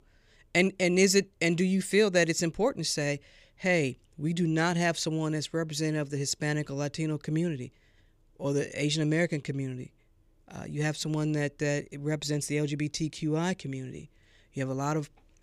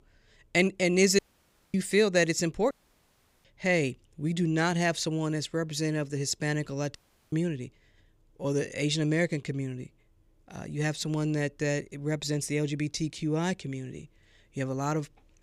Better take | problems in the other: first | audio cutting out; at 1 s for 0.5 s, at 2.5 s for 0.5 s and at 7 s

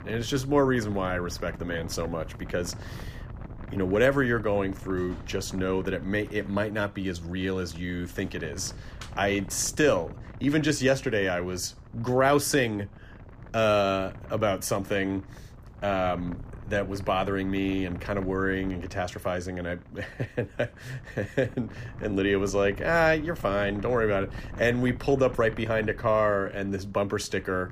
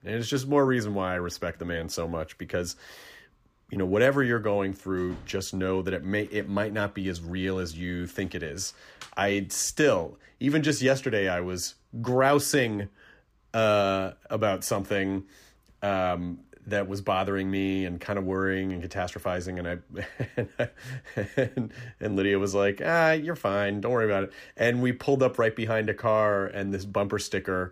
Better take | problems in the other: second | wind noise on the microphone; occasional gusts; 20 dB below the speech

